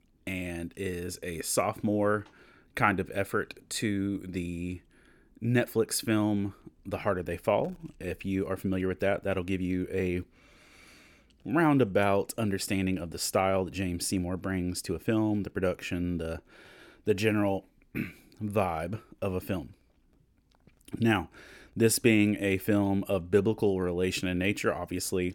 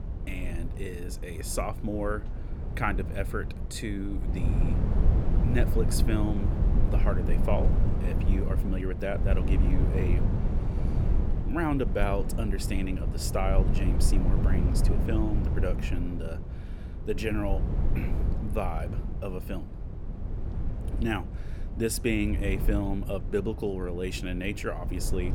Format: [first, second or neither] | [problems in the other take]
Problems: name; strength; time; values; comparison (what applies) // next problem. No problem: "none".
first | wind noise on the microphone; heavy; 7 dB below the speech